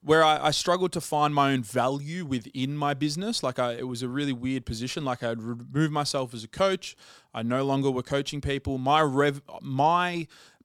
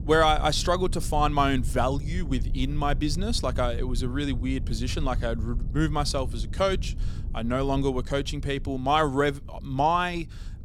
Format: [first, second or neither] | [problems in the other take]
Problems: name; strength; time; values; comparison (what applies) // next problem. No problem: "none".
first | low rumble; faint; throughout; 20 dB below the speech